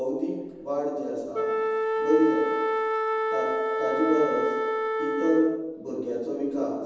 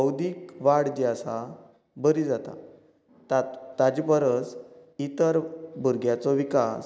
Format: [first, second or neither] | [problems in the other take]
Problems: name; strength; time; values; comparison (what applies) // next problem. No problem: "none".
second | background sound (Wind instrument, woodwind instrument); as loud as the speech // room echo; dies away in 1.1 s